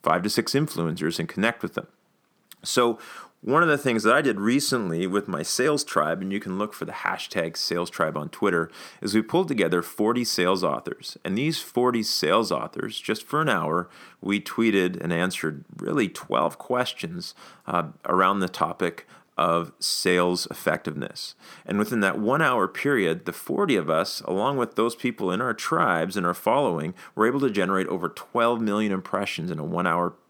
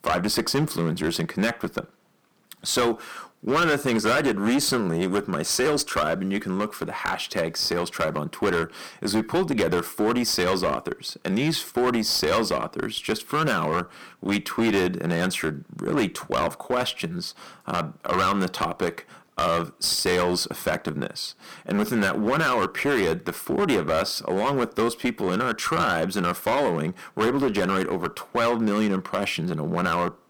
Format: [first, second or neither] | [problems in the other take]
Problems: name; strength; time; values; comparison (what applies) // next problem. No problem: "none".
first | distortion; heavy; 10% of the sound clipped